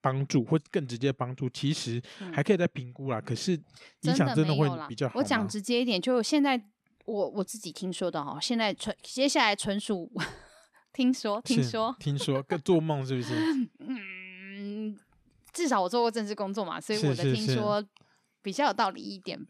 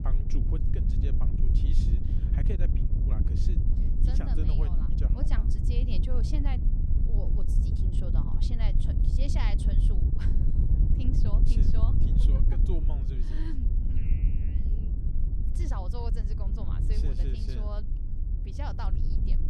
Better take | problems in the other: first | wind noise on the microphone; heavy; as loud as the speech

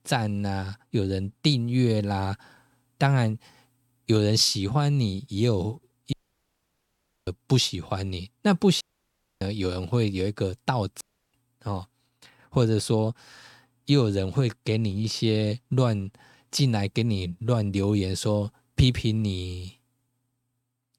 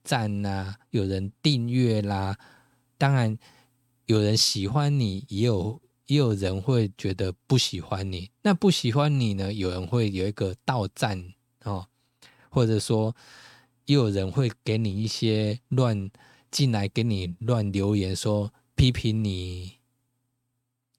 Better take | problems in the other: second | audio cutting out; at 6 s for 1 s, at 9 s for 0.5 s and at 11 s

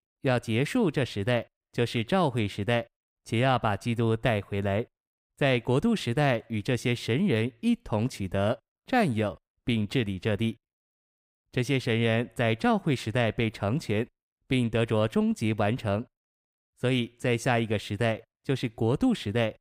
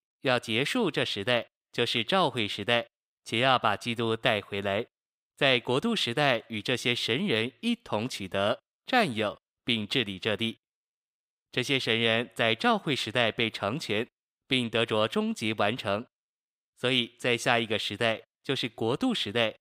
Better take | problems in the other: first | thin; very slightly; fading below 350 Hz

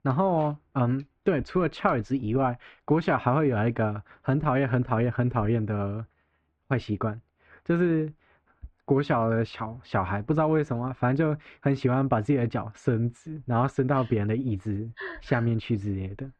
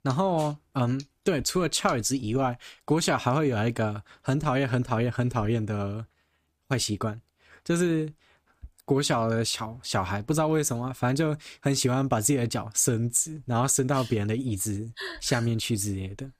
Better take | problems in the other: second | muffled; very; fading above 2 kHz

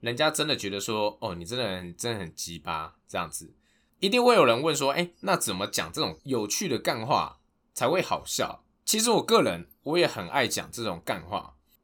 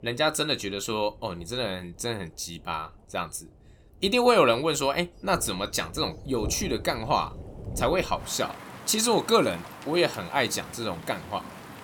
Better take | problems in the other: first | rain or running water; noticeable; throughout; 15 dB below the speech

